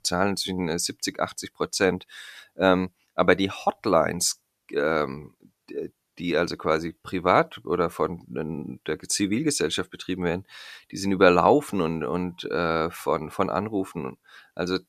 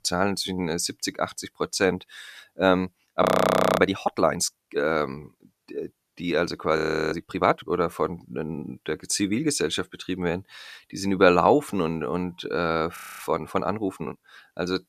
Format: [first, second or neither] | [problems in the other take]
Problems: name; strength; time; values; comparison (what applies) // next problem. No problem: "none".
first | audio freezing; at 3 s for 0.5 s, at 7 s and at 13 s